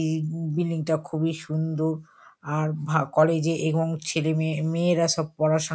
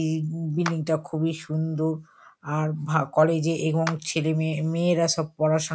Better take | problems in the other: first | background sound (Clapping); 16 dB below the speech

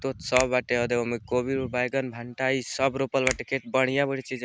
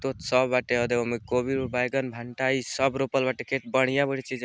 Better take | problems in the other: second | background sound (Finger snapping); 11 dB below the speech

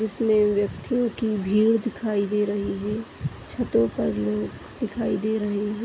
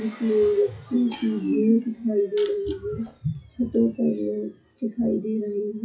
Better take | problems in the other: first | noise reduction (classical method WPE with log-MMSE)

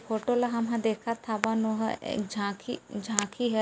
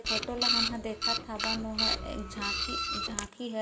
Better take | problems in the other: first | background sound (Printer); 5 dB above the speech // room echo; dies away in 1.1 s

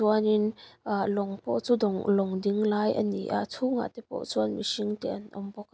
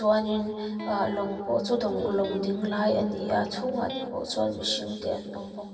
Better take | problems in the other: first | background sound (Electric guitar); 15 dB below the speech // room echo; dies away in 2.6 s

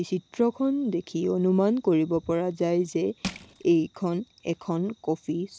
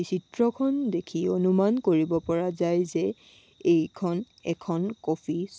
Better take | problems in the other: second | background sound (Crushing); 11 dB below the speech

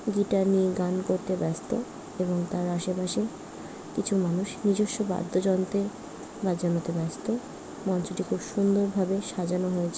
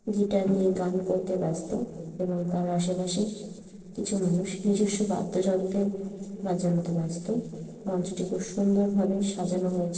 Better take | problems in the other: first | noise reduction (neural separator model SepFormer DNS4)

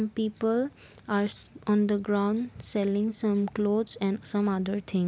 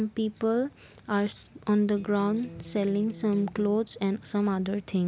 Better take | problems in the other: first | background sound (Electric guitar); 16 dB below the speech

